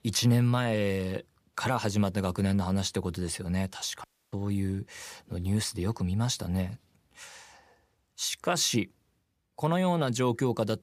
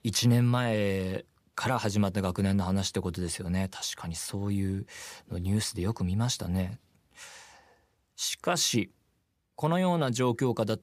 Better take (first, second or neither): second